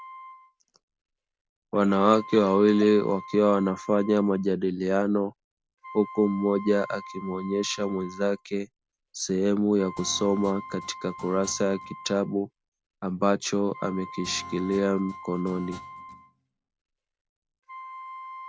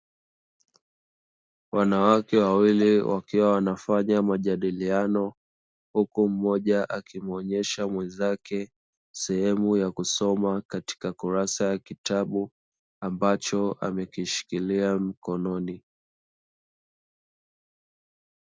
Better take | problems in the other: second | background sound (Wind instrument, woodwind instrument + Guitar); 17 dB below the speech

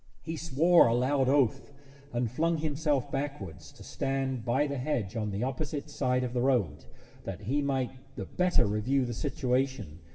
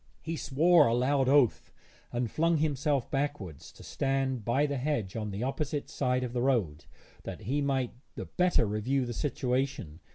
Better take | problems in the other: second | room echo; dies away in 2.7 s

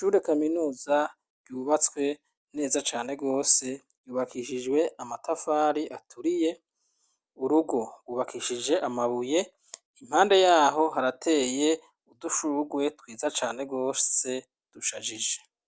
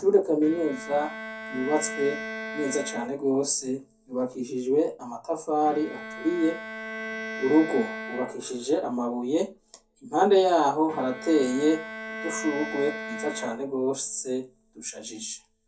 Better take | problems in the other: first | background sound (Bowed string instrument); 12 dB below the speech // room echo; dies away in 0.3 s

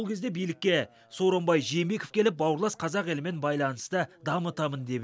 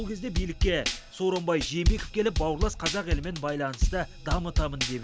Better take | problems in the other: first | background sound (Drum kit); 1 dB above the speech

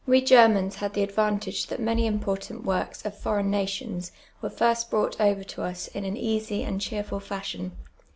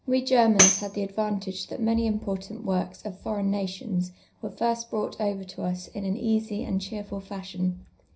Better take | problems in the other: first | background sound (Tambourine); 1 dB above the speech // room echo; dies away in 0.4 s

